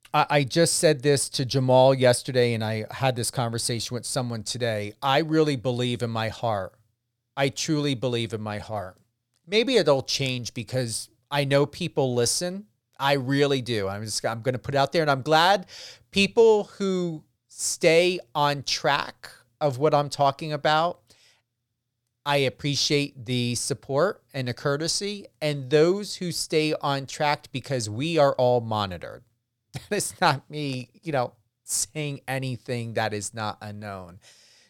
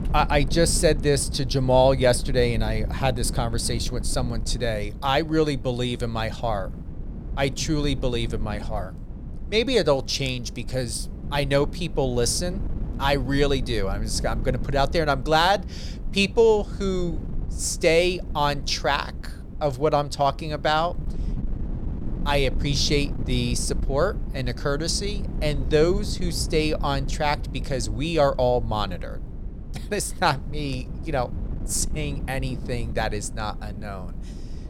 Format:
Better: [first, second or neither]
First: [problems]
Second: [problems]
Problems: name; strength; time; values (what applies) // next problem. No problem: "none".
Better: first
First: none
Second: wind noise on the microphone; occasional gusts; 20 dB below the speech